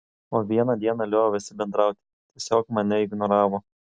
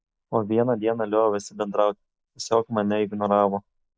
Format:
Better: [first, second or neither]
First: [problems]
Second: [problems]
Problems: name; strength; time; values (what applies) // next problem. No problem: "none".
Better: first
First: none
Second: noise reduction (neural mask model Resemble Enhance denoiser)